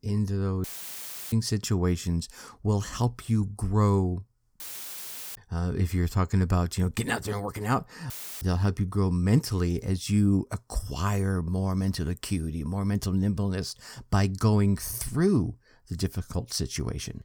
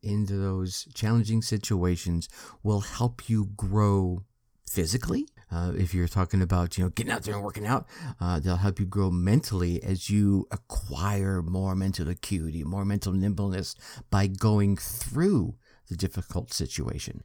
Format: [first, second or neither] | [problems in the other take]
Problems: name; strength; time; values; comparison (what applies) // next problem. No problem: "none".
second | audio cutting out; filled with static; at 0.5 s for 0.5 s, at 4.5 s for 1 s and at 8 s